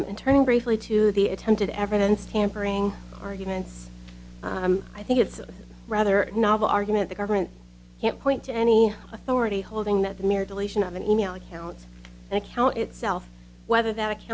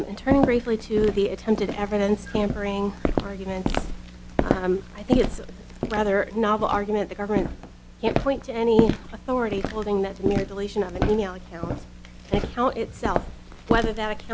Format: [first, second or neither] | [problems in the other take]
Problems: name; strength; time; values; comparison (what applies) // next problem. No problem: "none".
first | background sound (Walk, footsteps); 4 dB below the speech